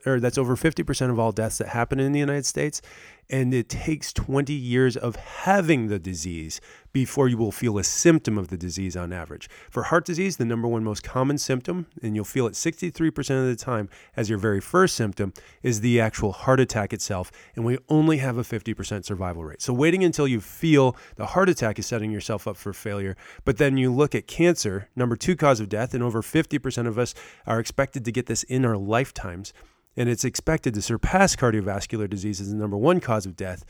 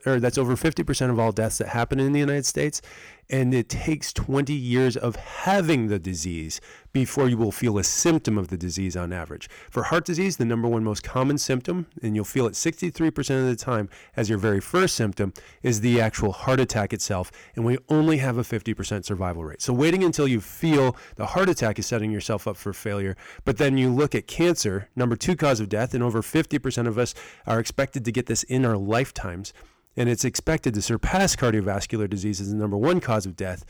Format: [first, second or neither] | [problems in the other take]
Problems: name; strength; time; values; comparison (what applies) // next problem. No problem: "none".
first | distortion; slight; 6% of the sound clipped